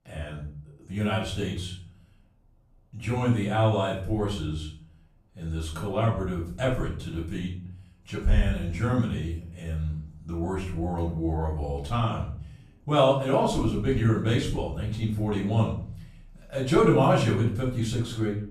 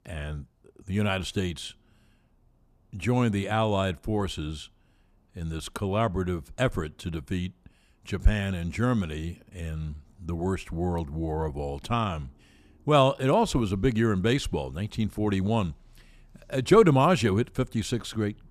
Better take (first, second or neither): second